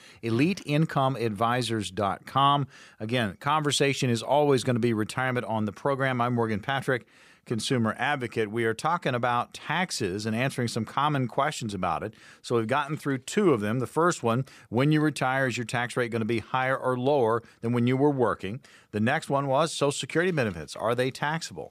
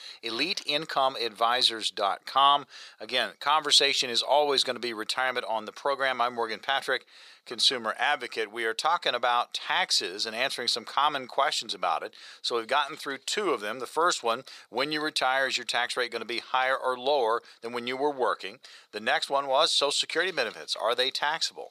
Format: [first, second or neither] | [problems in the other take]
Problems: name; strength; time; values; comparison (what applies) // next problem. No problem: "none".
first | thin; very; fading below 600 Hz